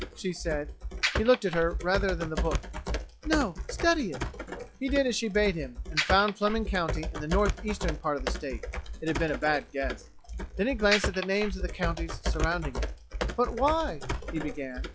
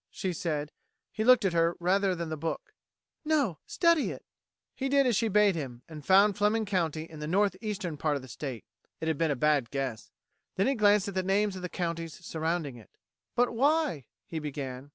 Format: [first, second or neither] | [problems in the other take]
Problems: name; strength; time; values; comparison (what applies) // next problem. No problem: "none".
second | noise reduction (classical method log-MMSE)